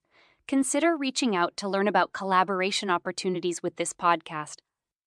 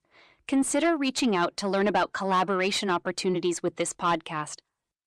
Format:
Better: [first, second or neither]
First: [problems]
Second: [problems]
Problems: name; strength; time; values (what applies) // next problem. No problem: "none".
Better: first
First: none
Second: distortion; slight; 10 dB below the speech